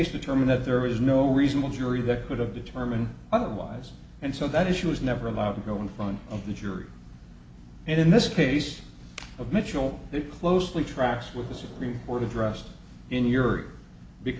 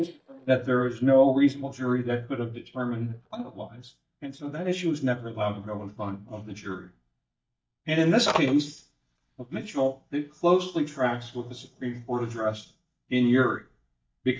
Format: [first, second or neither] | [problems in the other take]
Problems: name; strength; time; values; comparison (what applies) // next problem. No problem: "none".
first | noise reduction (neural mask model DeepFilterNet 3)